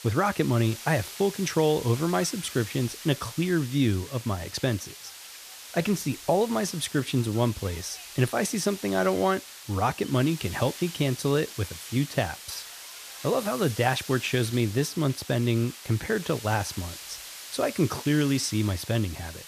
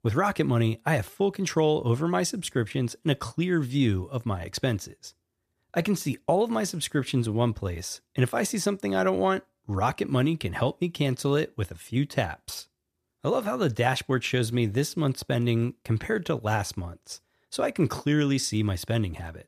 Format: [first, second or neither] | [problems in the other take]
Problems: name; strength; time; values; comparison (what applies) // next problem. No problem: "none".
second | hiss; noticeable; throughout; 10 dB below the speech